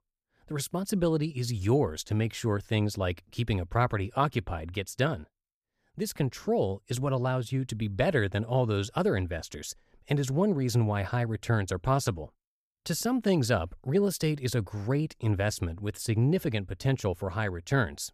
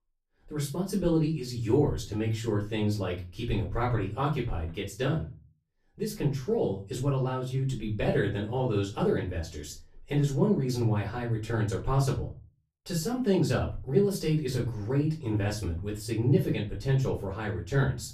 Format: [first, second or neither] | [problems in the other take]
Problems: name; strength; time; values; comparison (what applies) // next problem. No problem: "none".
first | off-mic speech; far // room echo; slight; dies away in 0.3 s